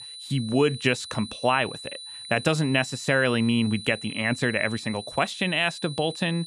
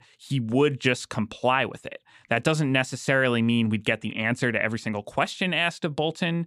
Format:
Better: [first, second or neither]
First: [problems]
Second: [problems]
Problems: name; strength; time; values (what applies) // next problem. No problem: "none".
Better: second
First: high-pitched whine; noticeable; throughout; 4 kHz, 10 dB below the speech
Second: none